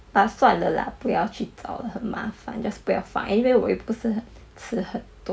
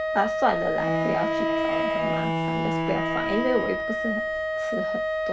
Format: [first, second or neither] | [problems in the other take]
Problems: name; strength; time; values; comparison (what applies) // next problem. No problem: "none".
first | background sound (Bowed string instrument + Wind instrument, woodwind instrument); 3 dB above the speech